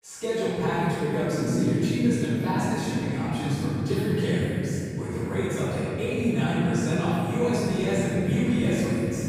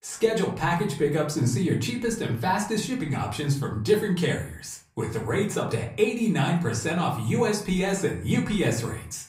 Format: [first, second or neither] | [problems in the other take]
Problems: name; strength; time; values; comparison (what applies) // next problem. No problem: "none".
second | room echo; strong; dies away in 3 s; slight in the second // off-mic speech; far; far in the second